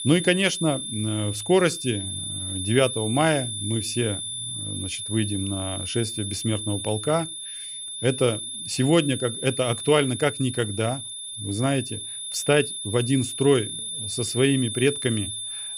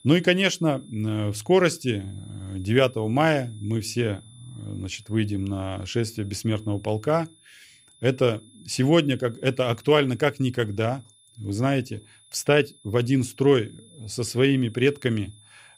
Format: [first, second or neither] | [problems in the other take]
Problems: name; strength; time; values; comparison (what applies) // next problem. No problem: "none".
second | high-pitched whine; loud; throughout; 3.5 kHz, 6 dB below the speech; faint in the second